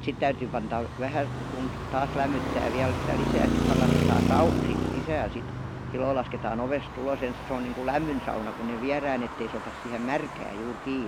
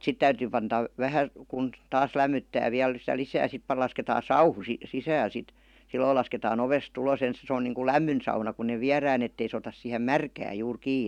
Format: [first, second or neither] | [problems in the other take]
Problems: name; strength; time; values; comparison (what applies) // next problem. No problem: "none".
second | background sound (Traffic noise, roadway noise); as loud as the speech